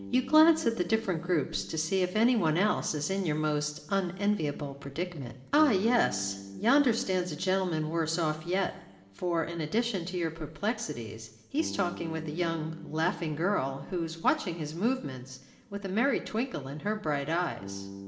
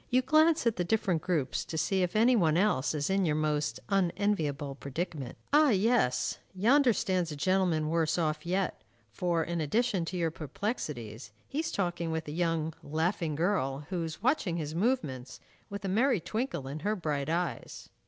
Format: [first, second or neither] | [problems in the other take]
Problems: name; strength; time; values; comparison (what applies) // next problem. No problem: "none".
second | background sound (Bass guitar); 17 dB below the speech // room echo; dies away in 1.1 s